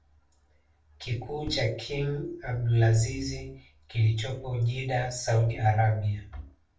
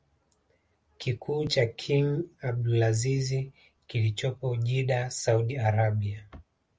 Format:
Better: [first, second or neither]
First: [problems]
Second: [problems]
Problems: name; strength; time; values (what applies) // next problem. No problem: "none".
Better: second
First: room echo; dies away in 0.4 s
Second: none